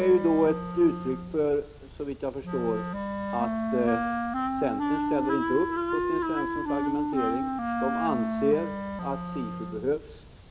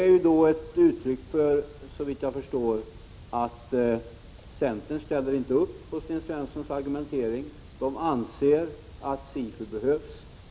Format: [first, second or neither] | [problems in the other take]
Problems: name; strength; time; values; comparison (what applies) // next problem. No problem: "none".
second | background sound (Wind instrument, woodwind instrument); 2 dB below the speech